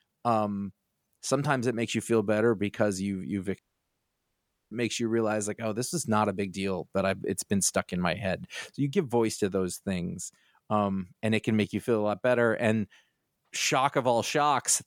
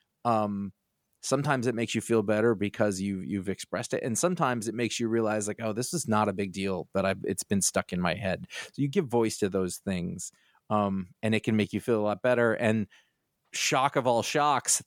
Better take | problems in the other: second | audio cutting out; at 3.5 s for 1 s

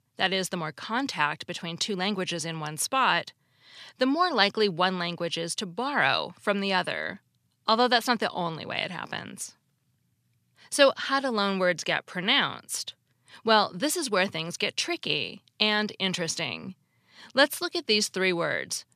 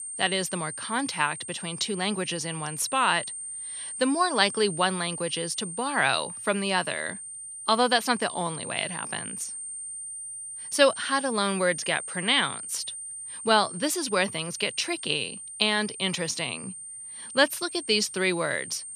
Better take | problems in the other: first | high-pitched whine; loud; throughout; 8.5 kHz, 9 dB below the speech

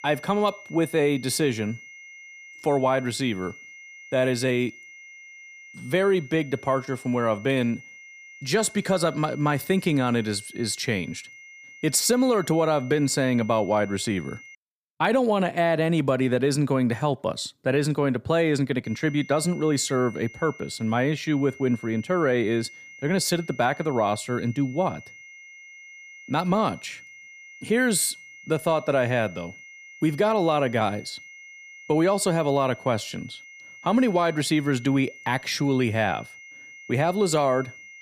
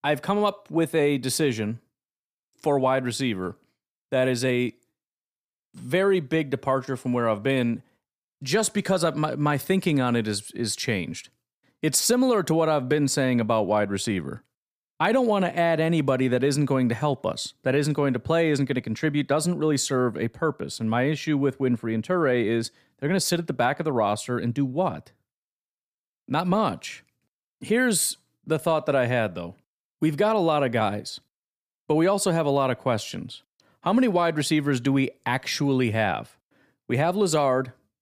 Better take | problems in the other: second | high-pitched whine; noticeable; until 15 s and from 19 s on; 2 kHz, 20 dB below the speech

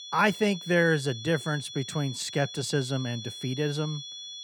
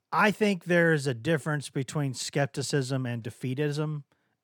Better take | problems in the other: second | high-pitched whine; noticeable; throughout; 3.5 kHz, 10 dB below the speech

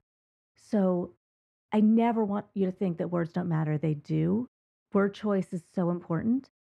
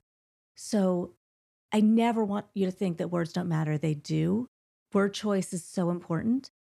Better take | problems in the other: second | muffled; very; fading above 3.5 kHz

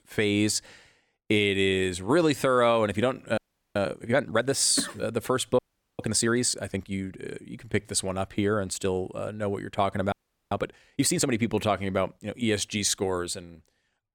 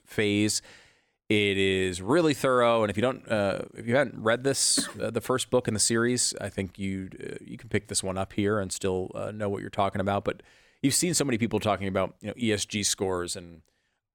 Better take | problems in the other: second | audio freezing; at 3.5 s, at 5.5 s and at 10 s

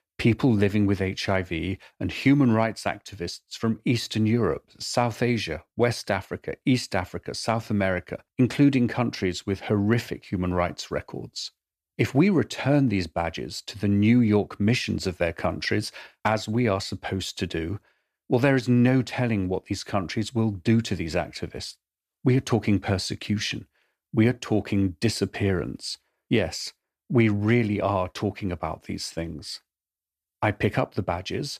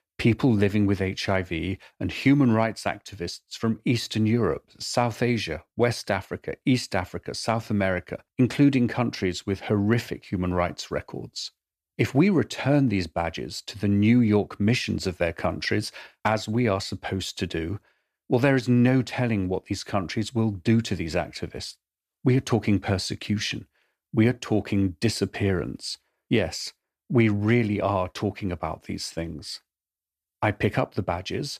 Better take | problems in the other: neither | none

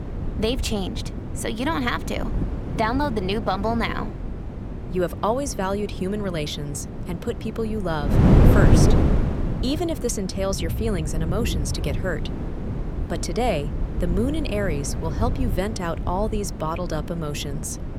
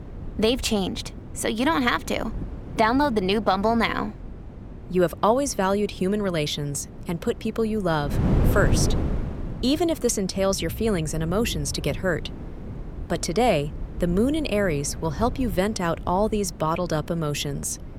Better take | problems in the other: second | wind noise on the microphone; heavy; 6 dB below the speech; occasional gusts in the second

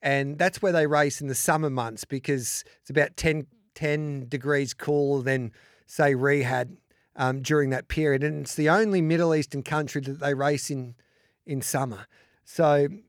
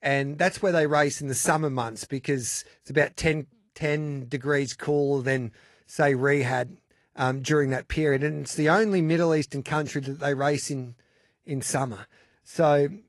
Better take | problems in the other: first | garbled, watery; slightly; nothing above 11.5 kHz

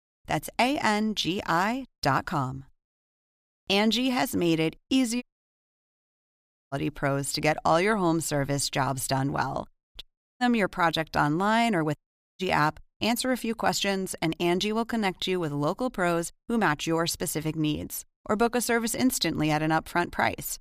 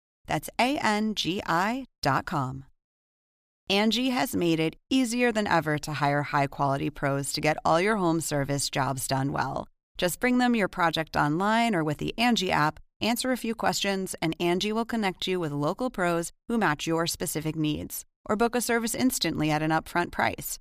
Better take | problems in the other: second | audio cutting out; at 5 s for 1.5 s, at 10 s and at 12 s

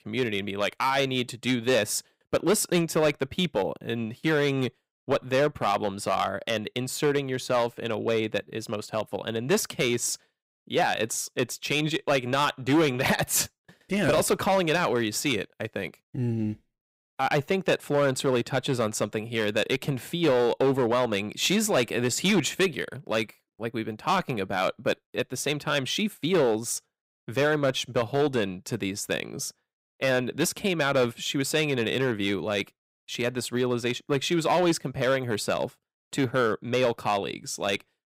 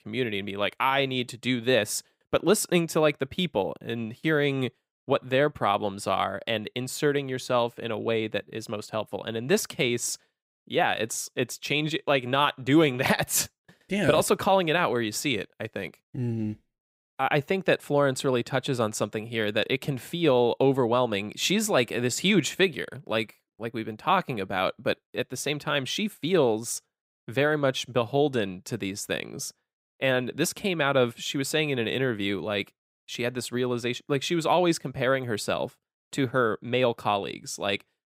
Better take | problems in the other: second | distortion; slight; 4% of the sound clipped

